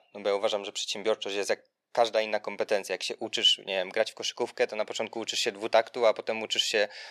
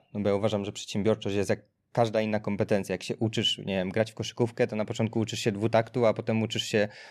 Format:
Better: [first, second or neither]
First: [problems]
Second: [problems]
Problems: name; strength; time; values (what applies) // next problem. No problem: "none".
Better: second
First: thin; very; fading below 600 Hz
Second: none